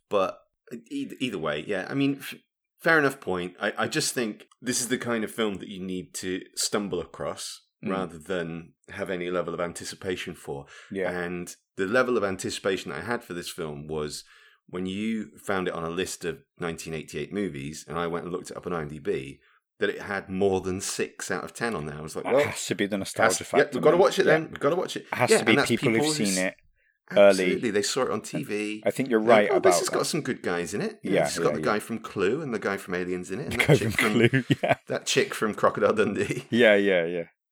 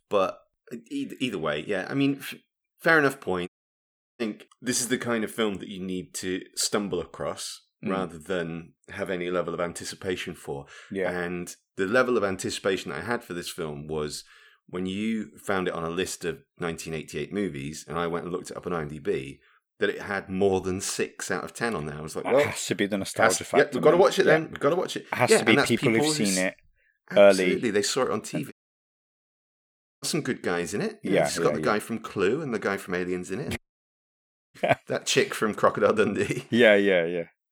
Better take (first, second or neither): first